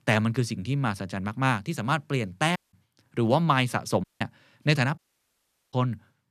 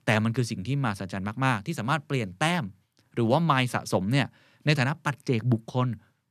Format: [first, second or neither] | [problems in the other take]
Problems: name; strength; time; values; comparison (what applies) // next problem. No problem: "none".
second | audio cutting out; at 2.5 s, at 4 s and at 5 s for 1 s